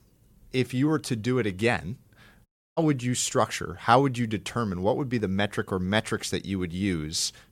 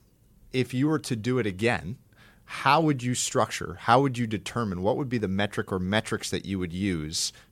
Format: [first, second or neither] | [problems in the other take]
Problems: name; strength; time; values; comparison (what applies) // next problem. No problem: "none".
second | audio cutting out; at 2.5 s